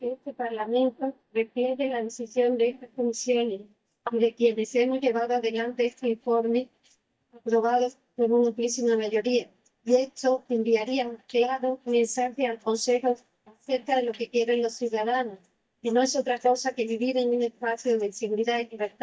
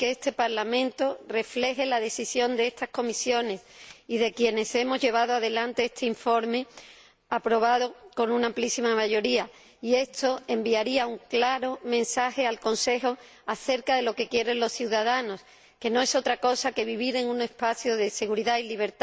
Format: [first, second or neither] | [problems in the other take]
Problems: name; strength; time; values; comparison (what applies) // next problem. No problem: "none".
second | noise reduction (neural mask model DeepFilterNet 3)